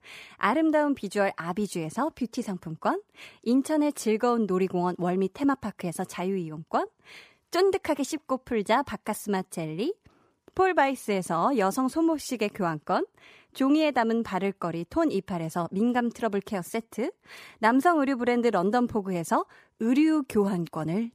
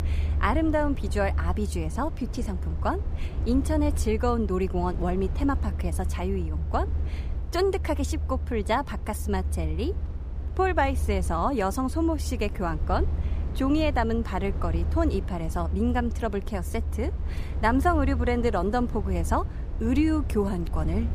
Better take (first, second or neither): first